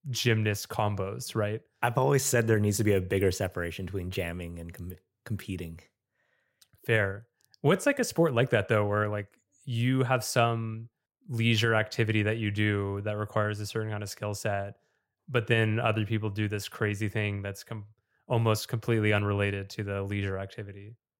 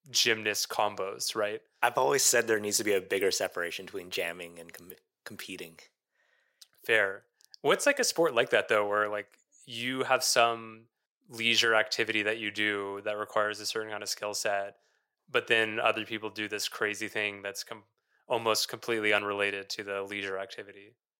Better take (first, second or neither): first